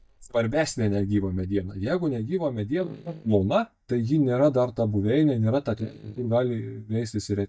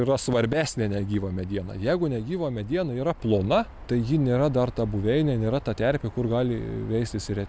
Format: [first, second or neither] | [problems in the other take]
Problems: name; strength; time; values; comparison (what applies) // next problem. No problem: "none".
second | noise reduction (neural mask model DeepFilterNet 3)